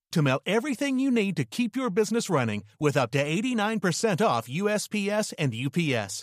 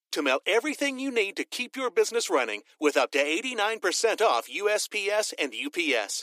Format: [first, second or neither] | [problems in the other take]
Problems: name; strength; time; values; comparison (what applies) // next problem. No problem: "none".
first | thin; somewhat; fading below 300 Hz